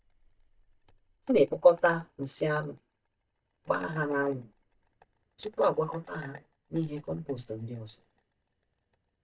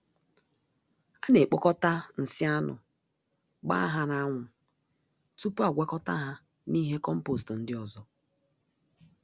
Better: second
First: noise reduction (neural mask model DeepFilterNet 3)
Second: none

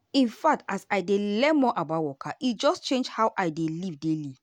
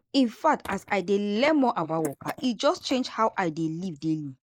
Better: first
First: none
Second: noise reduction (neural mask model Resemble Enhance denoiser)

